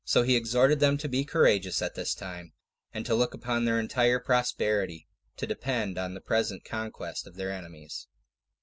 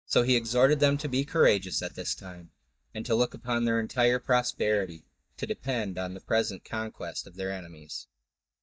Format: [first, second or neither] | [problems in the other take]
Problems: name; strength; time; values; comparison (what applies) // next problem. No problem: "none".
first | noise reduction (neural mask model DeepFilterNet 3)